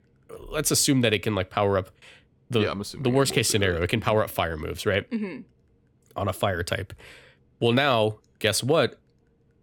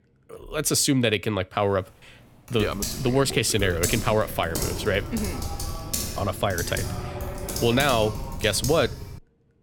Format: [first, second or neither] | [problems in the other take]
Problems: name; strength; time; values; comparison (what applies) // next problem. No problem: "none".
first | keyboard typing; noticeable; from 2.5 s on; peak 3 dB below the speech